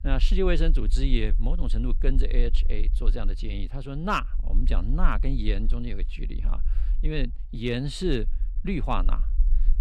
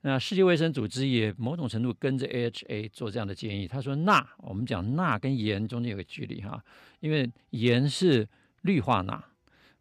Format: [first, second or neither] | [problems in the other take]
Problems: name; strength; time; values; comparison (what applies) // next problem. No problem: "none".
second | low rumble; faint; throughout; 20 dB below the speech